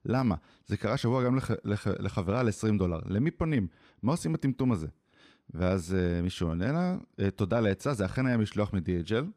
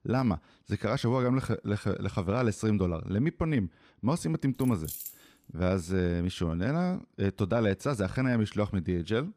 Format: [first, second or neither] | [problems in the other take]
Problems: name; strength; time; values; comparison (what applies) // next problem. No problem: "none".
first | jangling keys; noticeable; at 4.5 s; peak 9 dB below the speech